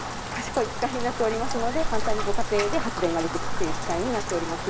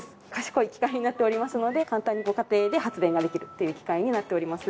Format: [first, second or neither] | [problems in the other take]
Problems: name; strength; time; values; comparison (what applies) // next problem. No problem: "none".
second | background sound (Rain); 1 dB above the speech